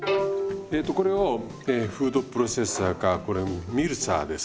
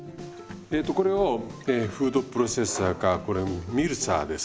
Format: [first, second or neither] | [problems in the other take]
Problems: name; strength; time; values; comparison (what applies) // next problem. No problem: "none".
second | background sound (Bowed string instrument); 5 dB below the speech